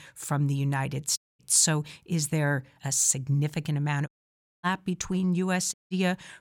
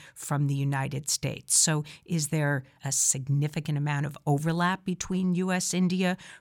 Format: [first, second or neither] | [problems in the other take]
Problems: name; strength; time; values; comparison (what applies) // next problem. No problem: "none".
second | audio cutting out; at 1 s, at 4 s for 0.5 s and at 5.5 s